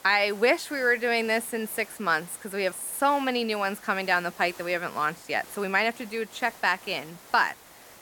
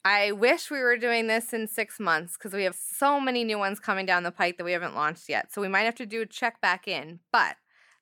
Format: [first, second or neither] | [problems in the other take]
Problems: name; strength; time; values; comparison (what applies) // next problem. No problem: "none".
second | hiss; faint; throughout; 20 dB below the speech